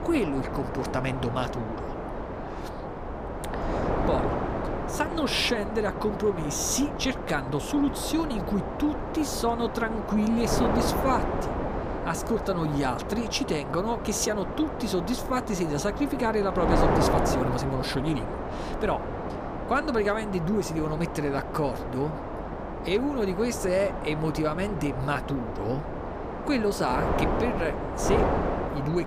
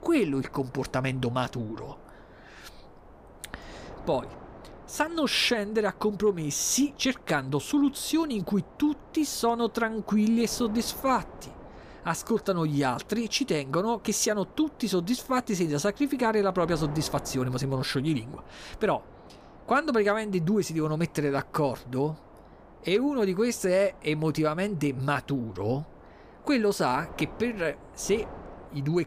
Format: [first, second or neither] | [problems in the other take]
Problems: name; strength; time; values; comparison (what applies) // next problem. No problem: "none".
second | wind noise on the microphone; heavy; 2 dB below the speech; occasional gusts in the second